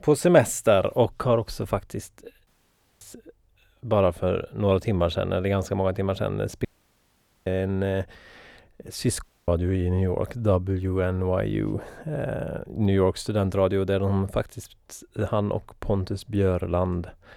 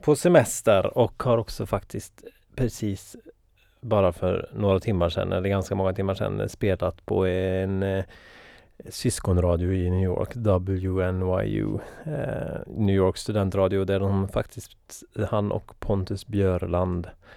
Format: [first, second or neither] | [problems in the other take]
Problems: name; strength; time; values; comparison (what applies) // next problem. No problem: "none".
second | audio cutting out; at 2.5 s for 0.5 s, at 6.5 s for 1 s and at 9 s